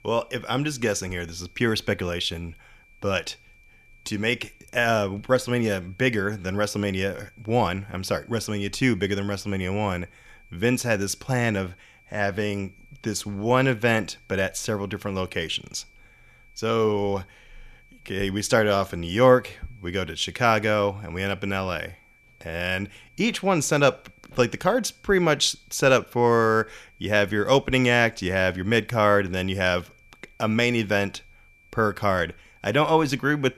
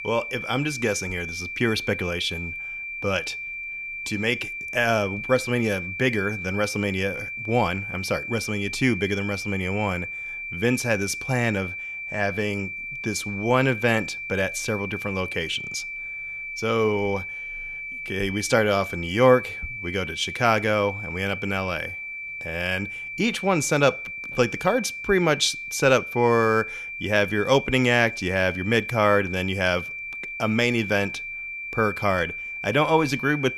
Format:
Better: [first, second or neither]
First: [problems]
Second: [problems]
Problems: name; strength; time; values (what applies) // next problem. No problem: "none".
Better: first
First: high-pitched whine; faint; throughout; 2.5 kHz, 30 dB below the speech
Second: high-pitched whine; loud; throughout; 2.5 kHz, 7 dB below the speech